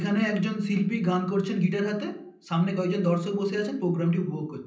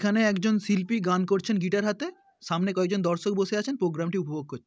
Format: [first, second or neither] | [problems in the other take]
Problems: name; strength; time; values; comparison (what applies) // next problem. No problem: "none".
second | room echo; dies away in 0.6 s